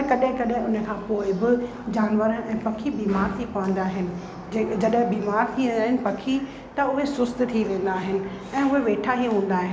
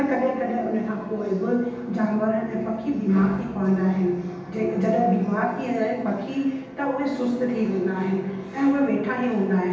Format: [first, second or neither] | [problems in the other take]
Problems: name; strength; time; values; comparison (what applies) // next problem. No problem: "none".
first | room echo; dies away in 0.9 s